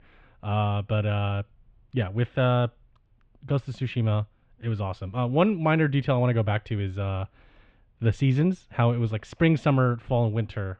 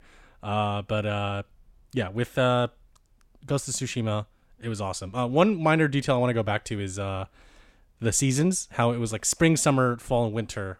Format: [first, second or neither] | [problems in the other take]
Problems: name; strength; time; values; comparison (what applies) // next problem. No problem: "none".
second | muffled; very; fading above 3 kHz